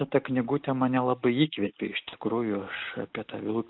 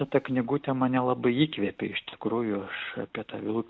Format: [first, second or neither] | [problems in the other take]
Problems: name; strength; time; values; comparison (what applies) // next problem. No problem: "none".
second | noise reduction (neural mask model Resemble Enhance denoiser)